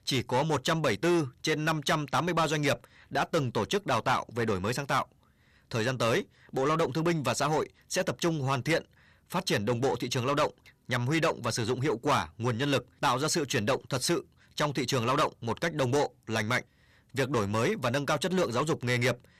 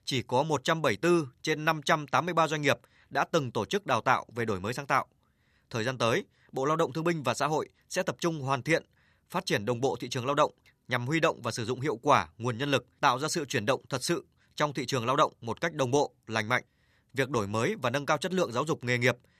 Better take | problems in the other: second | distortion; heavy; 8 dB below the speech

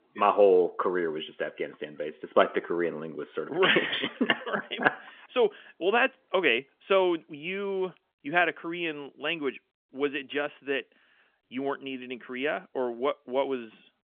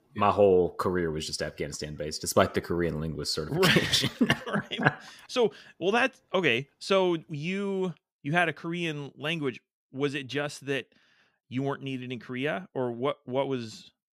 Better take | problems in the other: second | phone-call audio; nothing above 3.5 kHz

